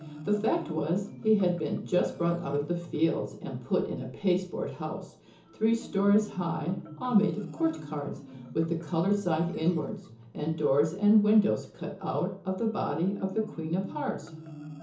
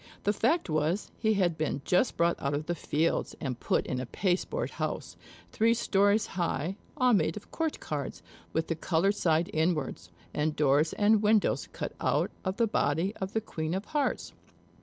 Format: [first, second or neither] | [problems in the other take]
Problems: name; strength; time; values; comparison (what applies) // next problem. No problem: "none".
second | background sound (Marimba, xylophone); 17 dB below the speech // room echo; dies away in 0.6 s